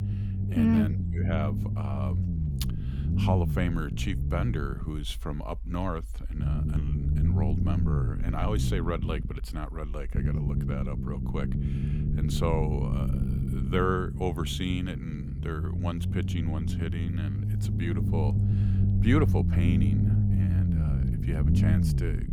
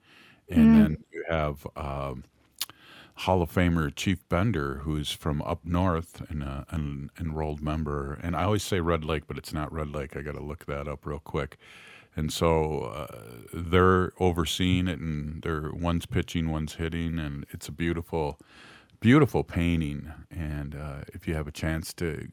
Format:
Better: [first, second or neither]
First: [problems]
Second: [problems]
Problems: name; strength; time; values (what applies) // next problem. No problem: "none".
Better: second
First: low rumble; loud; throughout; 4 dB below the speech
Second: none